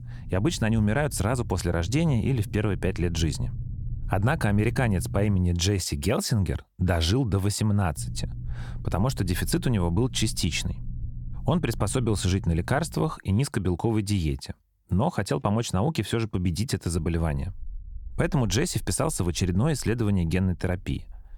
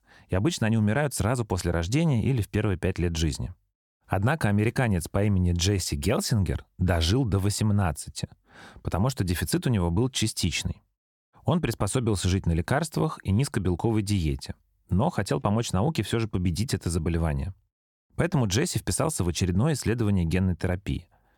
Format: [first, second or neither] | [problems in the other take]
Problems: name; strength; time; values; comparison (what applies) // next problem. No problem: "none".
second | low rumble; faint; until 5.5 s, from 8 to 13 s and from 17 s on; 20 dB below the speech